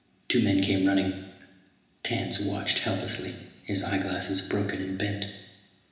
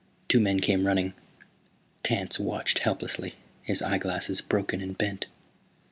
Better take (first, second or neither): second